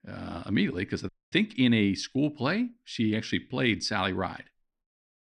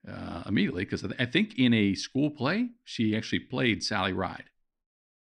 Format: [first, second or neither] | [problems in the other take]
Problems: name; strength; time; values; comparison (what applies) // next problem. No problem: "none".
second | audio cutting out; at 1 s